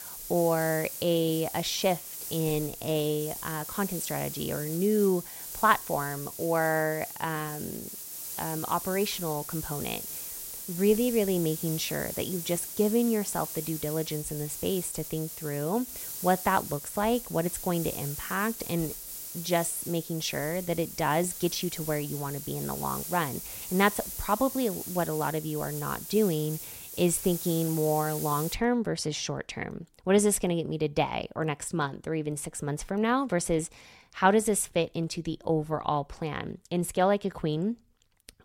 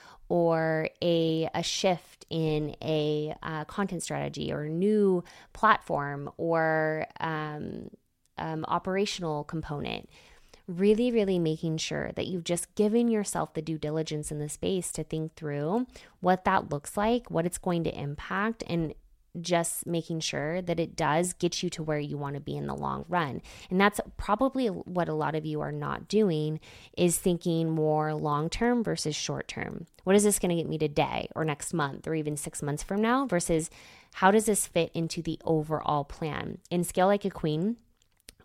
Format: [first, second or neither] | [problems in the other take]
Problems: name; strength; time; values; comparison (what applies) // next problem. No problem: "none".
second | hiss; loud; until 29 s; 7 dB below the speech